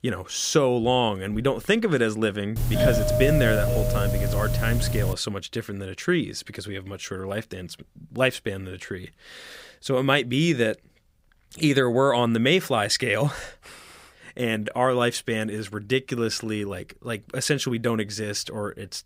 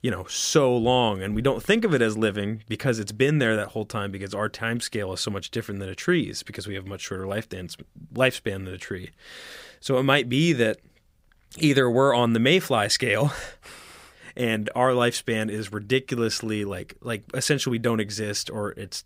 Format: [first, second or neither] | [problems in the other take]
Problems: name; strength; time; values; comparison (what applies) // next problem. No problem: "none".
second | doorbell; loud; from 2.5 to 5 s; peak 3 dB above the speech